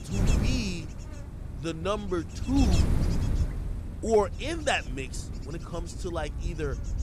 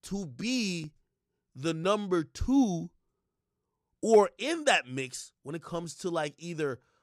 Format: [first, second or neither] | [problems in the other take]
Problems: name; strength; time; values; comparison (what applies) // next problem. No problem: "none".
second | wind noise on the microphone; occasional gusts; 10 dB below the speech